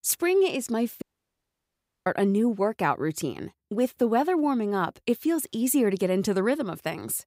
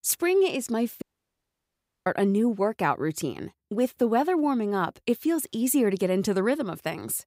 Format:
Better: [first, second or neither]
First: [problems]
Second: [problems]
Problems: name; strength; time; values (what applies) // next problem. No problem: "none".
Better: neither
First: audio cutting out; at 1 s for 1 s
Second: audio cutting out; at 1 s for 1 s